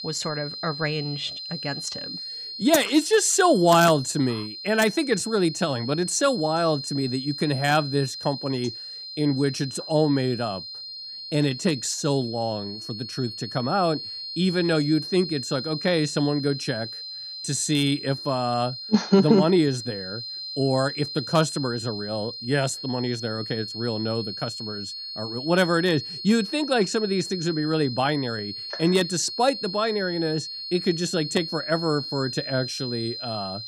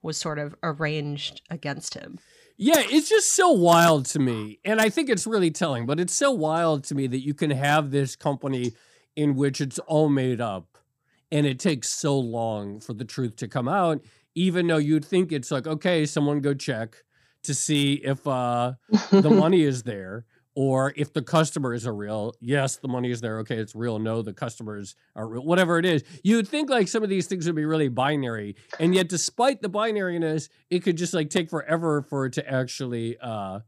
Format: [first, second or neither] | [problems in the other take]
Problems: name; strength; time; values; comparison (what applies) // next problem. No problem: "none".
second | high-pitched whine; loud; throughout; 4 kHz, 8 dB below the speech